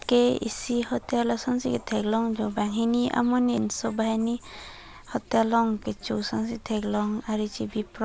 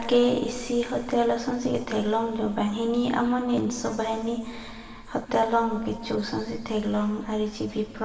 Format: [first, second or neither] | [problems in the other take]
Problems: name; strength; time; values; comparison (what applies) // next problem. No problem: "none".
first | room echo; dies away in 2 s